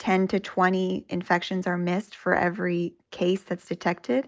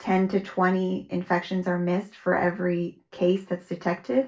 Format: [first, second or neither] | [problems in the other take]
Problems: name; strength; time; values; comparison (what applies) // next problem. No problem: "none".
first | room echo; dies away in 0.2 s